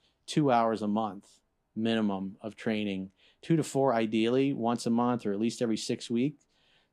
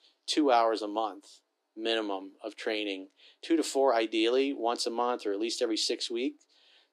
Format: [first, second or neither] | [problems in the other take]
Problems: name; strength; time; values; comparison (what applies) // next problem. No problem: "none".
first | thin; somewhat; fading below 300 Hz